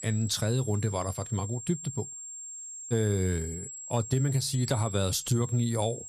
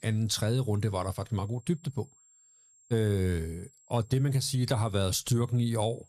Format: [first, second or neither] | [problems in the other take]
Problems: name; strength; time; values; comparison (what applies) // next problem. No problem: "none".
second | high-pitched whine; loud; throughout; 7.5 kHz, 10 dB below the speech; faint in the second